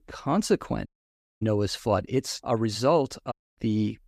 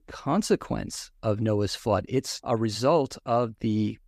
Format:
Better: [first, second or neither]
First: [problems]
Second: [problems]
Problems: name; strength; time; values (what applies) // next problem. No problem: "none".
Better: second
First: audio cutting out; at 1 s for 0.5 s and at 3.5 s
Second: none